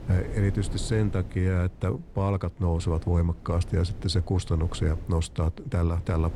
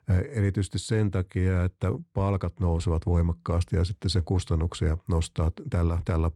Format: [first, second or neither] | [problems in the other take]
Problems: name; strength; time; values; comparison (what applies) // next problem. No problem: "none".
second | wind noise on the microphone; occasional gusts; 15 dB below the speech